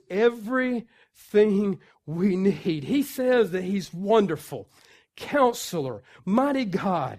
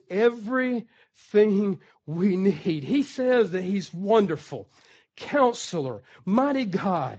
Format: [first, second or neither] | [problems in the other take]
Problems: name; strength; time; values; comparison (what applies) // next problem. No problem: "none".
first | garbled, watery; slightly; nothing above 7.5 kHz